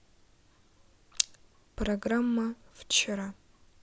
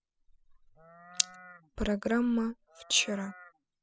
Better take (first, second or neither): first